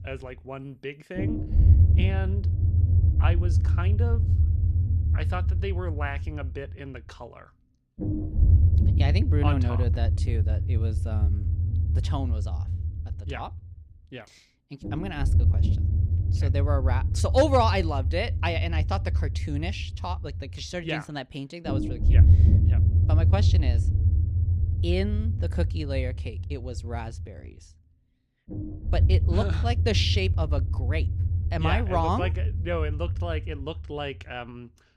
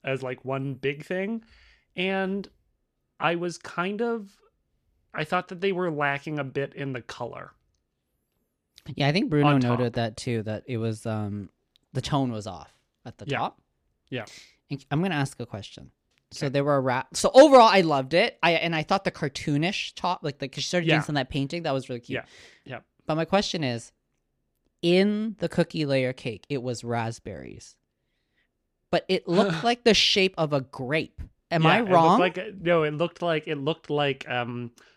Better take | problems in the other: second | low rumble; loud; throughout; 8 dB below the speech

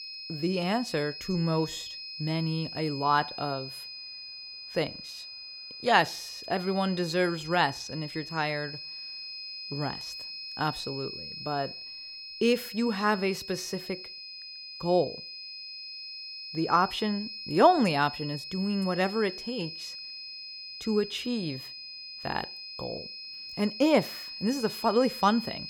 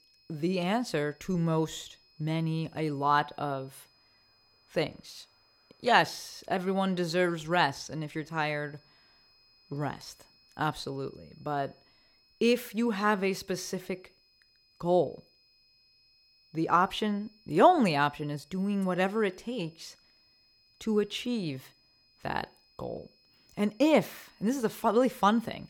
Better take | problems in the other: second | high-pitched whine; loud; throughout; 5 kHz, 9 dB below the speech; faint in the second

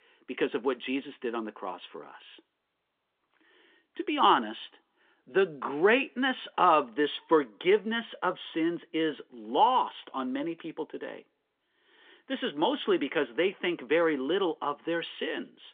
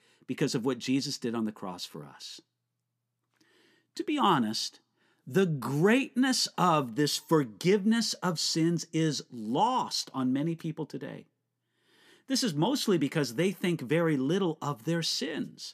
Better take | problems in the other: second | phone-call audio; nothing above 3.5 kHz

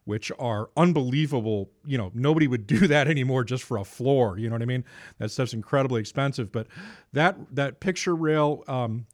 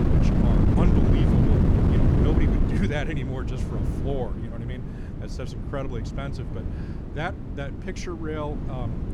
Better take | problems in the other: first | wind noise on the microphone; heavy; 2 dB above the speech

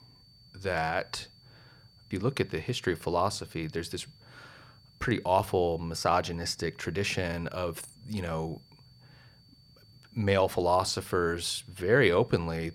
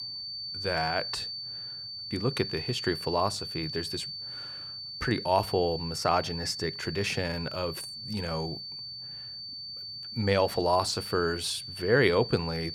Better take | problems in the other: first | high-pitched whine; loud; throughout; 4.5 kHz, 7 dB below the speech; faint in the first

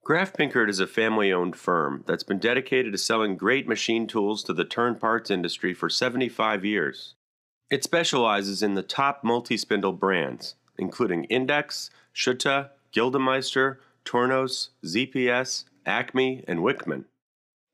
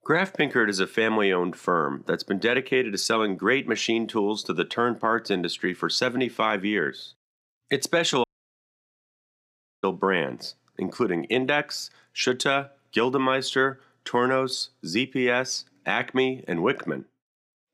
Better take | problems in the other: first | audio cutting out; at 8 s for 1.5 s

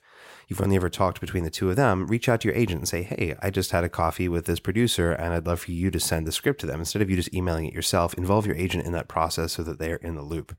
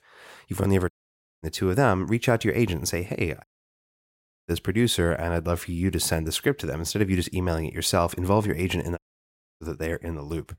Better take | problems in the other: first | audio cutting out; at 1 s for 0.5 s, at 3.5 s for 1 s and at 9 s for 0.5 s

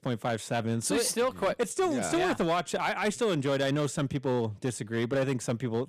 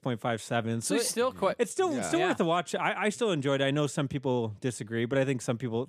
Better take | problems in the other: second | distortion; slight; 8% of the sound clipped

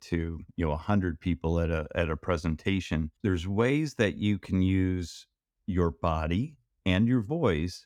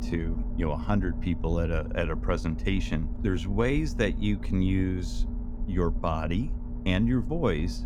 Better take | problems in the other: first | low rumble; noticeable; throughout; 15 dB below the speech

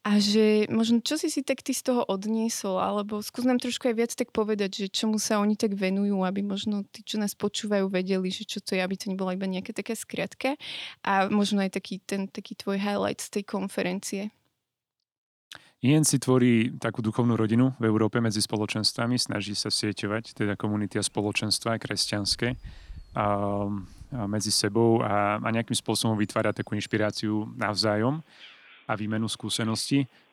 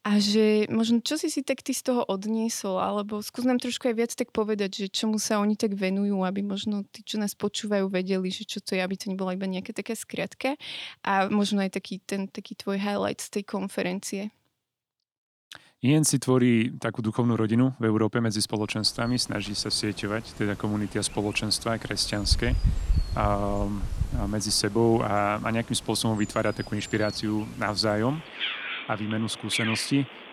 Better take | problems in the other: first | animal sounds; loud; from 19 s on; 8 dB below the speech; faint in the first

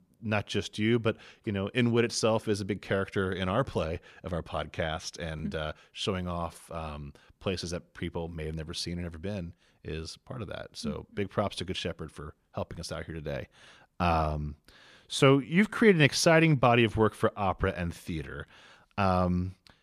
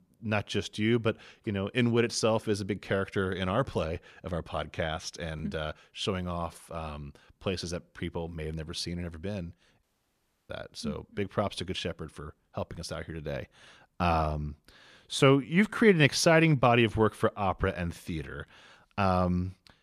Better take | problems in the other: first | audio cutting out; at 10 s for 0.5 s

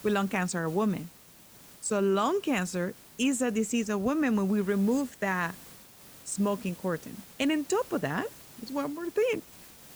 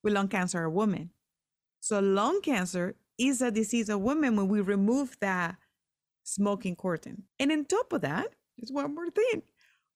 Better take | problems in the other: second | hiss; noticeable; throughout; 20 dB below the speech

